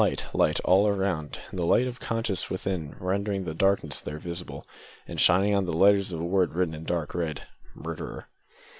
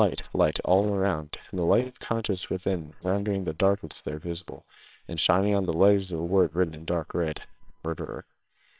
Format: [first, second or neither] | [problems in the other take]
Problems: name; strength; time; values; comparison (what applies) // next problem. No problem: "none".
first | noise reduction (neural separator model SepFormer WHAMR!)